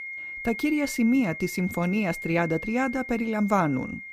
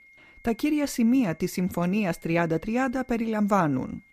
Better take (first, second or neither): second